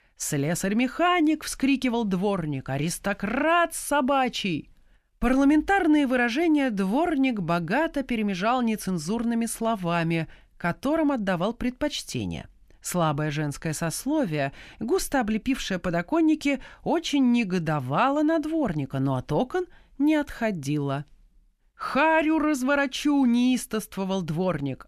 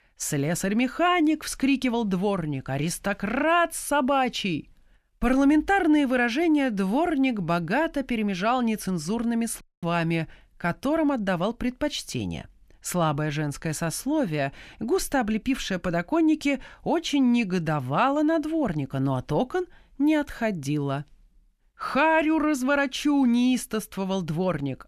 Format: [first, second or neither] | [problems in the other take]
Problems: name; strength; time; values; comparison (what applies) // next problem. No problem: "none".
first | audio cutting out; at 9.5 s